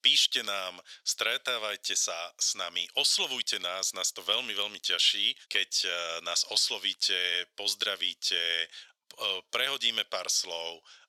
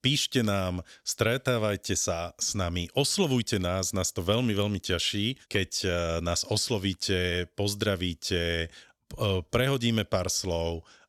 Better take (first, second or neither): second